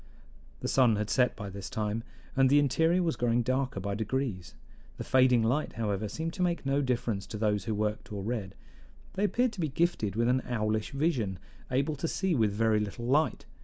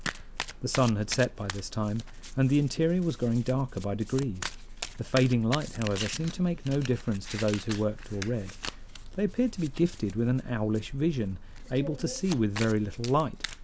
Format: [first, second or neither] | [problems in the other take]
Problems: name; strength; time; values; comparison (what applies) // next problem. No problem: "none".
first | background sound (Domestic sounds, home sounds); 13 dB below the speech